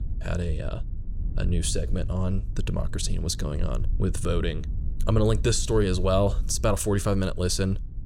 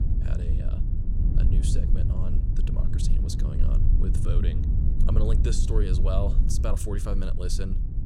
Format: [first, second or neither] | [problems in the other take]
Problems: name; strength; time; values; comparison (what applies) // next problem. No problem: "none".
first | low rumble; loud; throughout; 4 dB below the speech; faint in the first